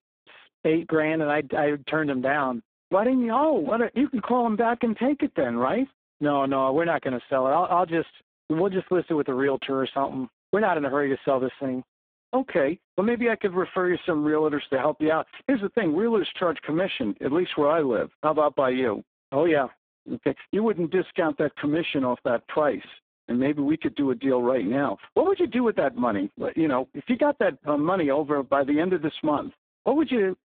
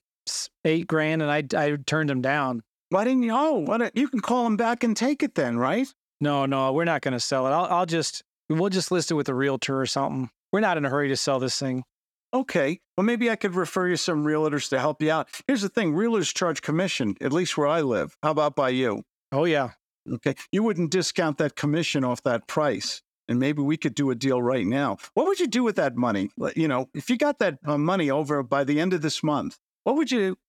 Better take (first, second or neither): second